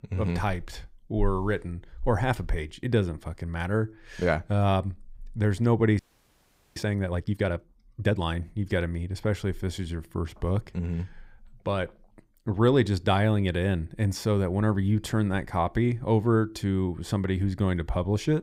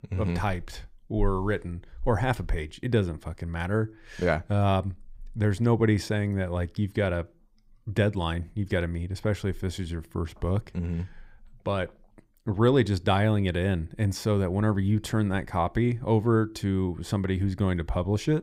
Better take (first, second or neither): second